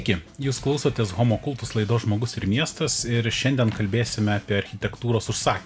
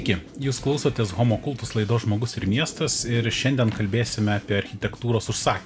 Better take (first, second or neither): first